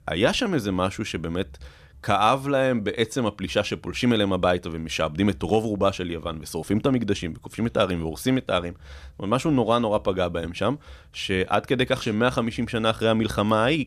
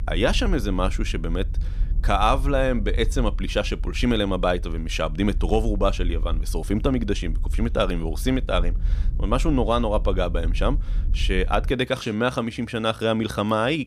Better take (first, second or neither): first